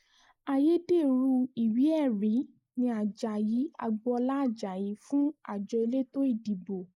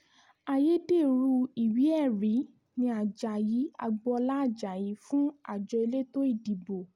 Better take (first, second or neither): second